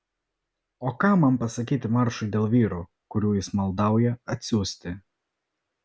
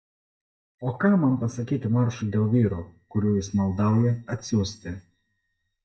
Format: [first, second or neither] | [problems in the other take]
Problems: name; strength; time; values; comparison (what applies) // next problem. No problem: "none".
first | noise reduction (neural mask model DeepFilterNet 3)